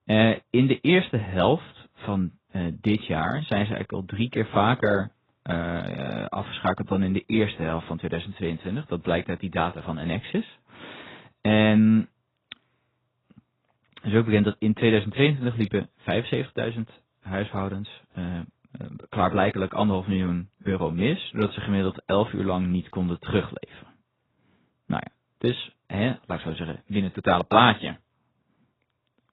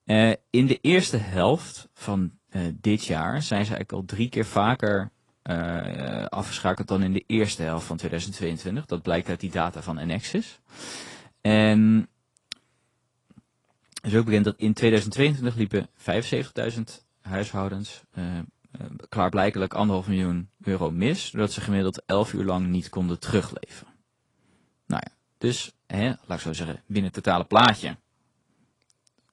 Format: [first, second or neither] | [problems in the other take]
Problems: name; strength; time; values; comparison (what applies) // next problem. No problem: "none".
second | garbled, watery; badly; nothing above 4 kHz; slightly in the second